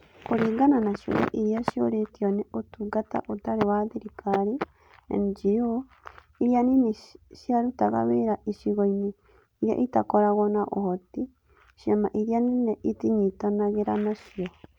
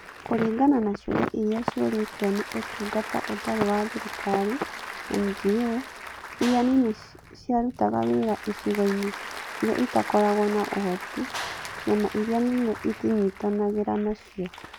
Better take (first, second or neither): first